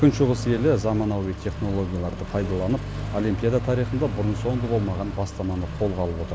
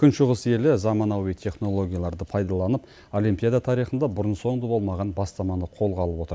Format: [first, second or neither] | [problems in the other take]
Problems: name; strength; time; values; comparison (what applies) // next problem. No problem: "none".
second | background sound (Accelerating, revving, vroom); 6 dB below the speech